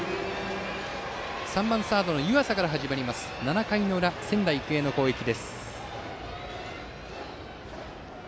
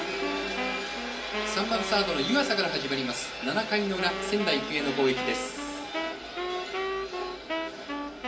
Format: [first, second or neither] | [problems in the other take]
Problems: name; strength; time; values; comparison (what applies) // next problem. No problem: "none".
first | background sound (Wind instrument, woodwind instrument); 6 dB below the speech // room echo; dies away in 0.3 s